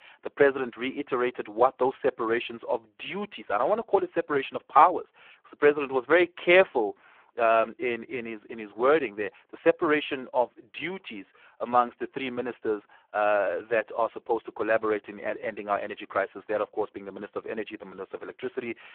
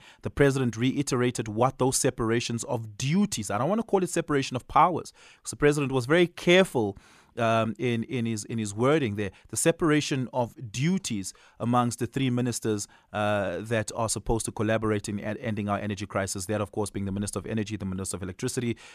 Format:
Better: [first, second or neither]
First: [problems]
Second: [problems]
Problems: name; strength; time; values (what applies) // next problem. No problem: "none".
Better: second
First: phone-call audio; poor line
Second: none